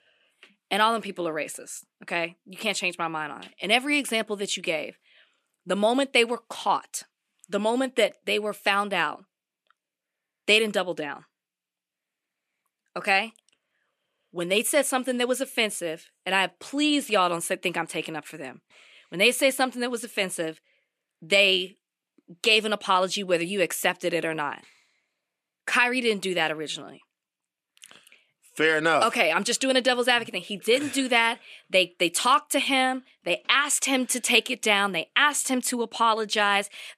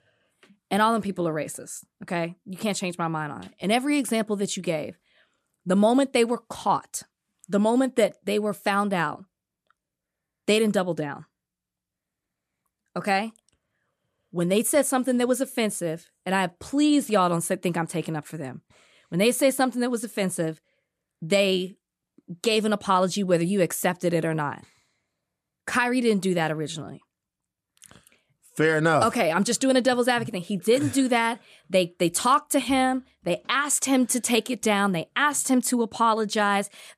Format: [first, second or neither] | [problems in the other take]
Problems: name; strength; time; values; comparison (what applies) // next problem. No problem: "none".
second | thin; very slightly; fading below 300 Hz